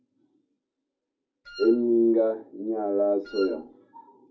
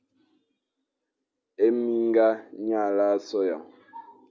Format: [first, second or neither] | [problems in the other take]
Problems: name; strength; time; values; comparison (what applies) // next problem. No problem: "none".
second | background sound (Wind instrument, woodwind instrument); 16 dB below the speech // room echo; dies away in 0.4 s